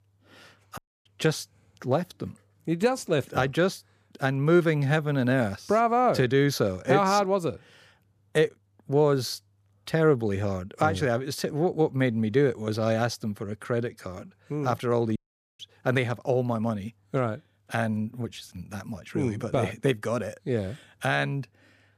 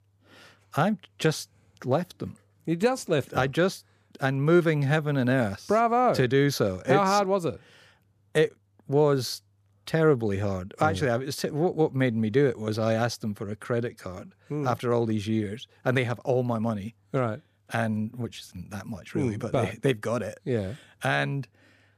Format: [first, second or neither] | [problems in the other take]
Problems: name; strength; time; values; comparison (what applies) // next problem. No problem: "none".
second | audio cutting out; at 1 s and at 15 s